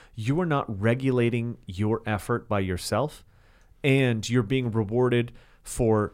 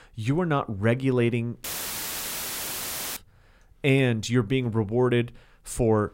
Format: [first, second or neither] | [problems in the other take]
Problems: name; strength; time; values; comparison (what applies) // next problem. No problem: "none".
first | audio cutting out; filled with static; at 1.5 s for 1.5 s